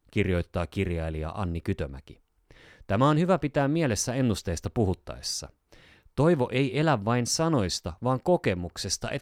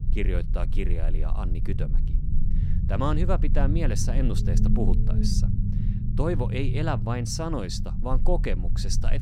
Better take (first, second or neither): first